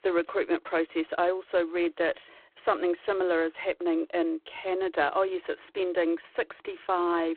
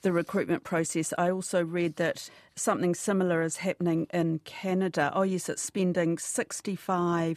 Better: second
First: phone-call audio; poor line; nothing above 4 kHz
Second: none

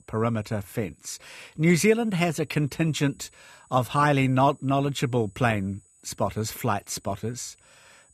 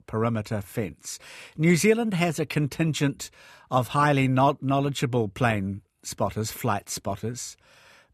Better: second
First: high-pitched whine; faint; throughout; 8 kHz, 35 dB below the speech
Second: none

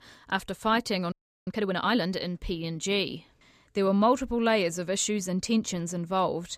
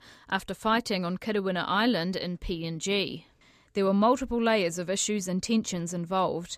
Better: second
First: audio freezing; at 1 s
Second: none

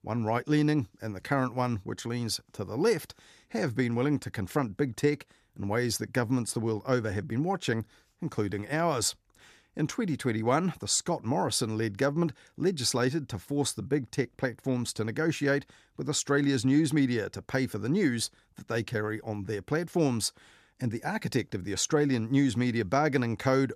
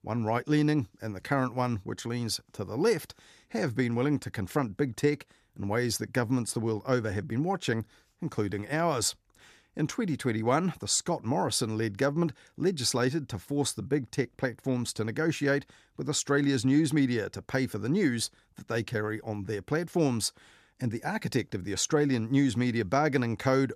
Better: neither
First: none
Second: none

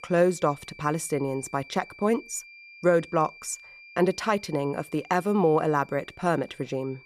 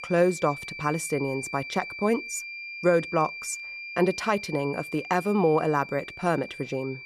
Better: first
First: high-pitched whine; faint; throughout; 2.5 kHz, 20 dB below the speech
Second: high-pitched whine; loud; throughout; 2.5 kHz, 10 dB below the speech

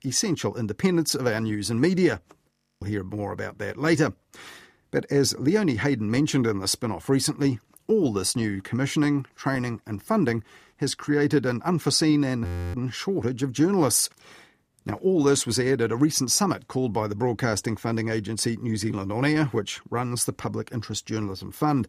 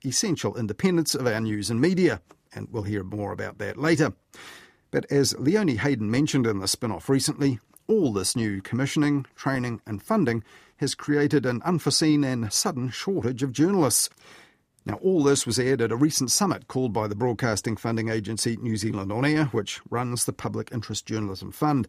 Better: second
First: audio freezing; at 2.5 s and at 12 s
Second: none

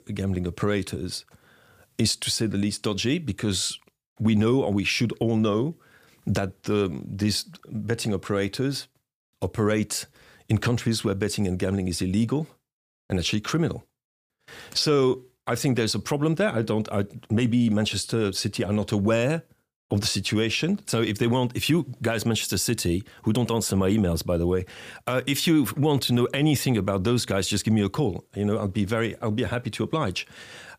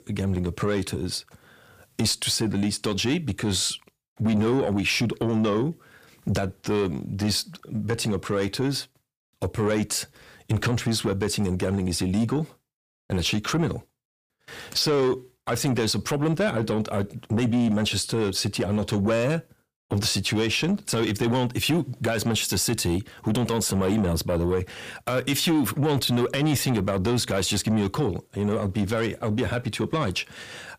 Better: first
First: none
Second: distortion; slight; 10 dB below the speech

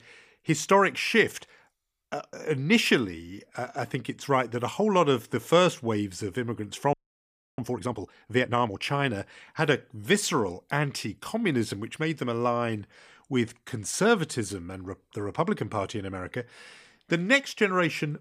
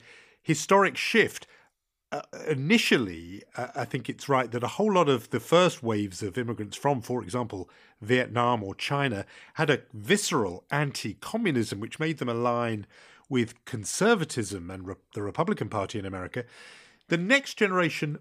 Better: second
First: audio freezing; at 7 s for 0.5 s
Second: none

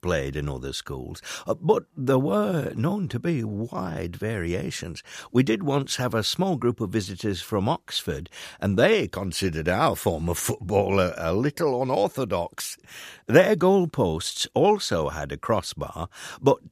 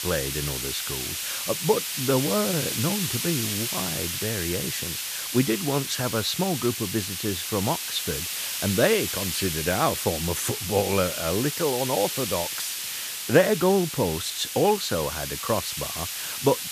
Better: first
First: none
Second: hiss; loud; throughout; 2 dB below the speech

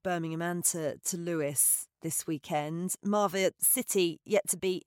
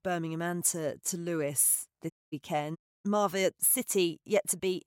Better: first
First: none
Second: audio cutting out; at 2 s and at 3 s

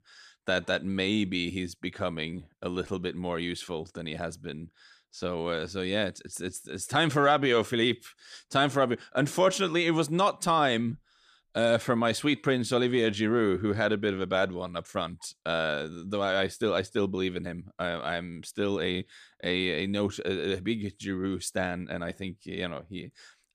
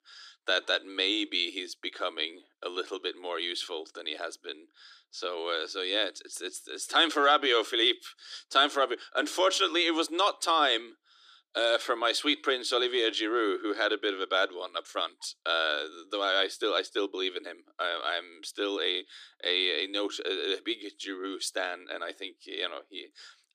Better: first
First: none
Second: thin; somewhat; fading below 300 Hz

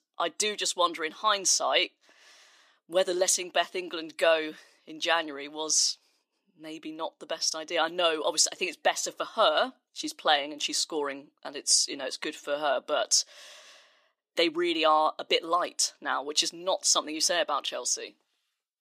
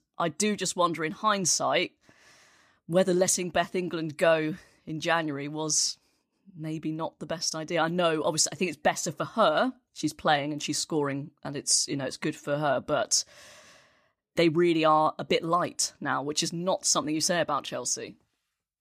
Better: second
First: thin; somewhat; fading below 400 Hz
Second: none

